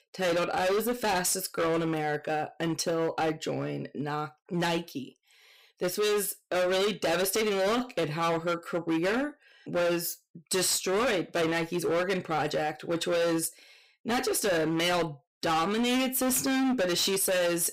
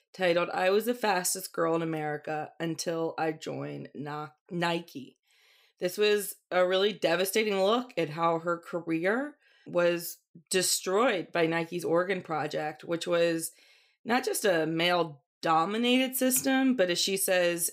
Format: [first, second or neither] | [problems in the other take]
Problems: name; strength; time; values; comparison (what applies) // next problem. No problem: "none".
second | distortion; heavy; 22% of the sound clipped